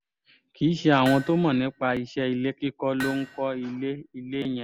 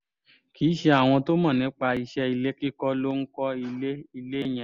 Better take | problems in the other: second | background sound (Hammer); 15 dB below the speech

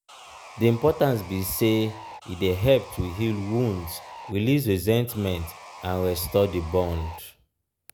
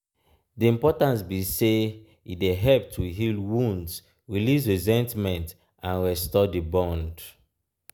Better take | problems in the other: second | background sound (Sawing); 18 dB below the speech

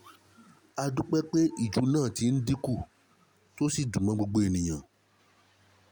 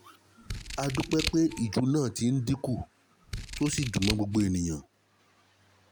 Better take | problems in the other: first | background sound (Scissors); 7 dB below the speech

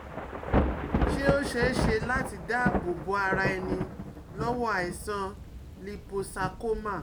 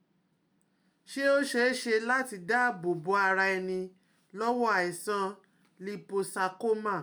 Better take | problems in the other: second | background sound (Thunder / Rain); as loud as the speech

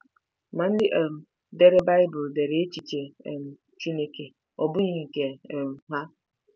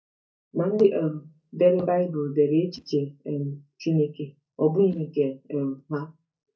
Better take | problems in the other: first | noise reduction (neural mask model DeepFilterNet 3)

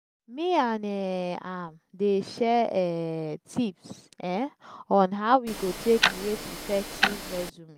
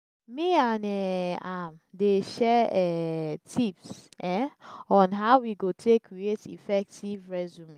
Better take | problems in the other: second | background sound (Tick-tock); 2 dB below the speech

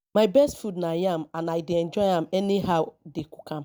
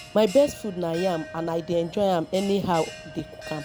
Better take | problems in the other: first | background sound (Bell); 16 dB below the speech

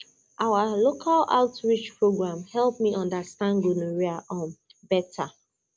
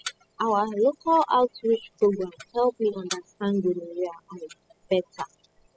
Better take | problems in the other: first | noise reduction (classical method spectral subtraction)

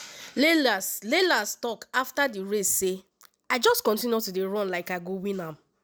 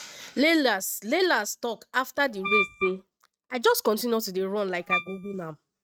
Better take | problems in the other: first | noise reduction (neural mask model RNNoise)

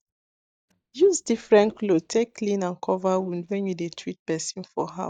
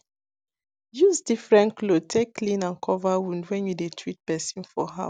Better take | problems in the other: second | noise reduction (neural mask model DeepFilterNet 3)

